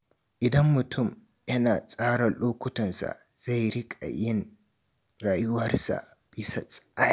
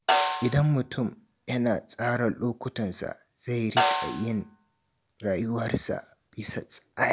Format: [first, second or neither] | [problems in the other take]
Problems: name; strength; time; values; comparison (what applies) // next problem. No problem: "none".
first | background sound (Snare drum); 2 dB below the speech